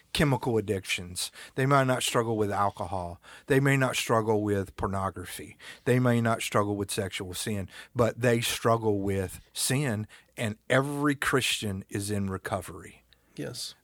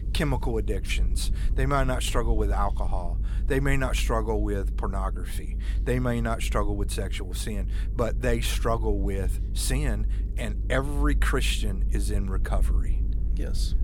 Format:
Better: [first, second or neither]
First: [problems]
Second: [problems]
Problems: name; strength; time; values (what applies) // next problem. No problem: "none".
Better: first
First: none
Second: low rumble; noticeable; throughout; 20 dB below the speech